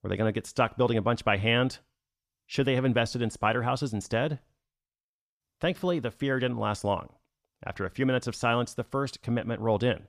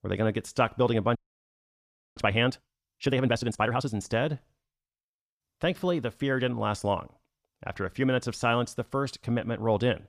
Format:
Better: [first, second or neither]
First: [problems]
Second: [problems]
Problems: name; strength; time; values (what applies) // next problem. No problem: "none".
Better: first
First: none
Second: audio freezing; at 1 s for 1 s